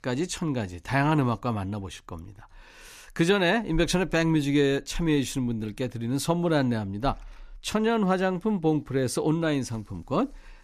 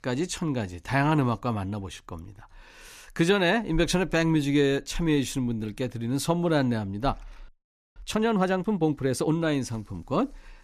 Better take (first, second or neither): first